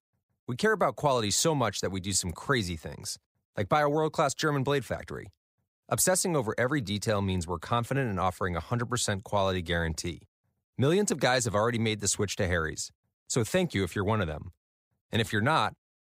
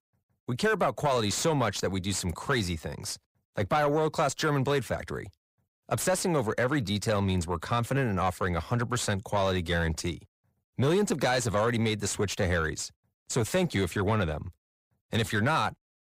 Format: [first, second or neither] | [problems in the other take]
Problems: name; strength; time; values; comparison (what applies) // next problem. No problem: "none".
first | distortion; slight; 10 dB below the speech